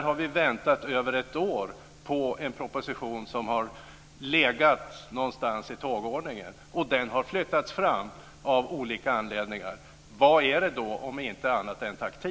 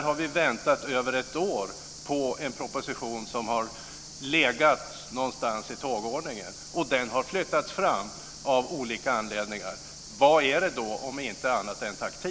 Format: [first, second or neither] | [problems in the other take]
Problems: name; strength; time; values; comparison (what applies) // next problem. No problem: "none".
first | background sound (Cricket); 15 dB below the speech